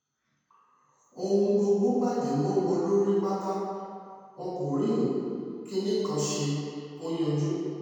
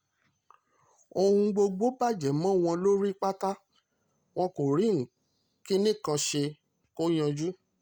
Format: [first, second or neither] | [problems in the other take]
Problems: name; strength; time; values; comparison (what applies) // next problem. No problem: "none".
second | room echo; dies away in 2.1 s